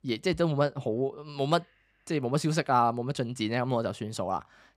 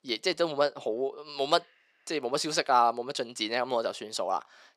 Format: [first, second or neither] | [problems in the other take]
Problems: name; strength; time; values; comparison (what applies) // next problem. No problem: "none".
first | thin; somewhat; fading below 450 Hz